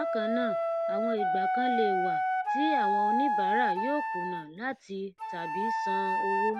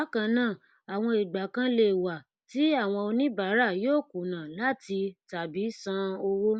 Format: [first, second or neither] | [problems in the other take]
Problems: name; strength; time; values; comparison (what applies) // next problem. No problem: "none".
second | background sound (Wind instrument, woodwind instrument); 5 dB above the speech